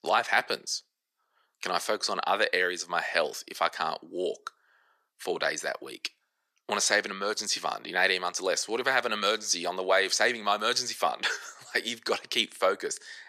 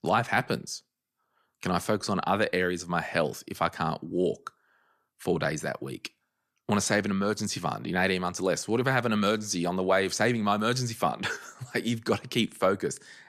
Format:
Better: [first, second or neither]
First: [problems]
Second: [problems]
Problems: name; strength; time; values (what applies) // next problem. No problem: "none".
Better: second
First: thin; very; fading below 500 Hz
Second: none